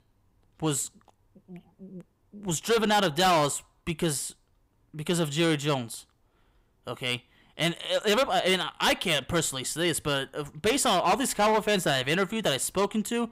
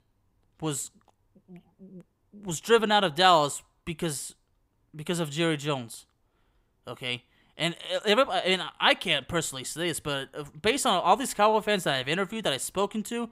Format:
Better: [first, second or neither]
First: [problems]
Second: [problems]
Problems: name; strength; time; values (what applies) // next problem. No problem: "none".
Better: second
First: distortion; heavy; 6% of the sound clipped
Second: none